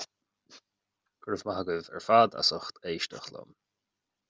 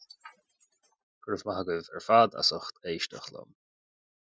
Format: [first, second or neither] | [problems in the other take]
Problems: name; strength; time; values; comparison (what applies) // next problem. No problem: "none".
first | noise reduction (classical method Wiener filter)